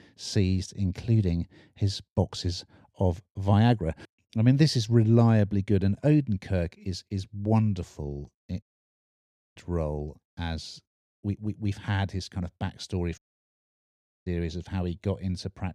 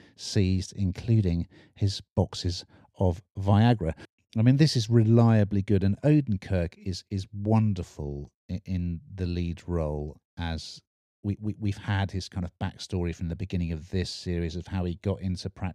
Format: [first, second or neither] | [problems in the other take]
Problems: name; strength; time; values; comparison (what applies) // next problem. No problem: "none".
second | audio cutting out; at 8.5 s for 1 s and at 13 s for 1 s